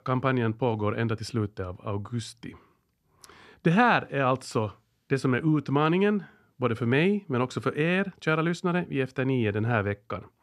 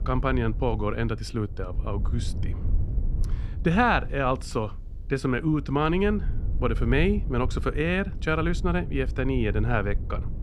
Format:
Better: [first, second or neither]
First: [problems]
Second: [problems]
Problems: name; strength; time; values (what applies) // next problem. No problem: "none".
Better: first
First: none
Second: wind noise on the microphone; occasional gusts; 20 dB below the speech